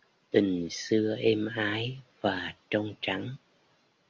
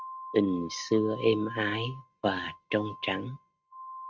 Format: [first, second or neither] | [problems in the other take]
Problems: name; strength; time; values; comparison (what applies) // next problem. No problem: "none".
first | noise reduction (neural mask model RNNoise)